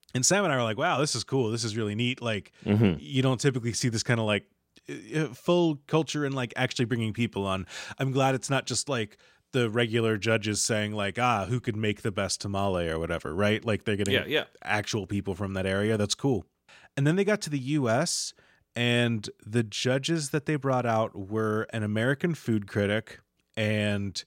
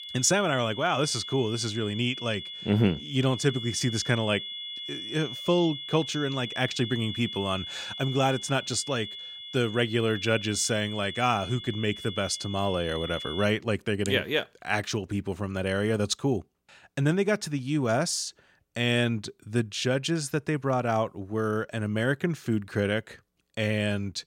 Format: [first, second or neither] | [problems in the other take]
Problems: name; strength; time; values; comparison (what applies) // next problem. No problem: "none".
first | high-pitched whine; loud; until 13 s; 3.5 kHz, 8 dB below the speech